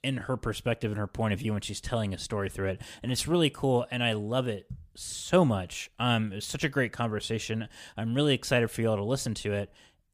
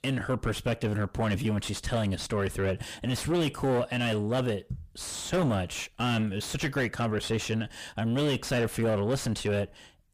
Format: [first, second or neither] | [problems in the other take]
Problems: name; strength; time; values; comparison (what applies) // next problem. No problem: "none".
first | distortion; heavy; 6 dB below the speech